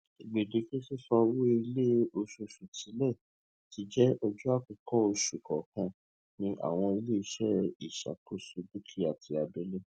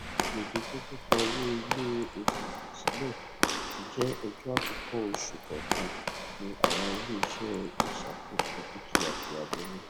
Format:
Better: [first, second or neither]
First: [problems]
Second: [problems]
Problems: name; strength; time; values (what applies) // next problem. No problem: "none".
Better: first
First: none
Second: background sound (Walk, footsteps / Slam); 4 dB above the speech